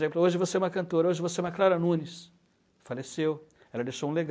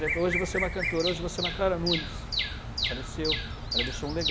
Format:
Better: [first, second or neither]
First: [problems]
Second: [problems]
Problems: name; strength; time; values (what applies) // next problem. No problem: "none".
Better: first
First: none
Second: background sound (Bird vocalization, bird call, bird song); as loud as the speech